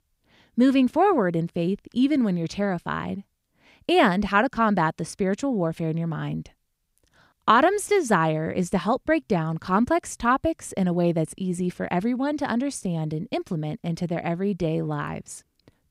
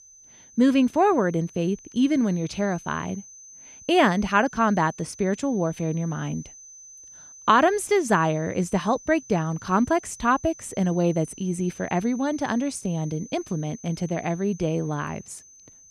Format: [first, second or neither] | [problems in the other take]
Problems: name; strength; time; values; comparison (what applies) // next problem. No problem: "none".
first | high-pitched whine; noticeable; throughout; 6 kHz, 20 dB below the speech